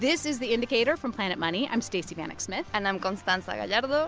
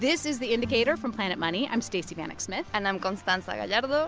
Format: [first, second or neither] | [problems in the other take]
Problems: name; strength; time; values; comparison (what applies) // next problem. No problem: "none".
first | background sound (Bowed string instrument); 15 dB below the speech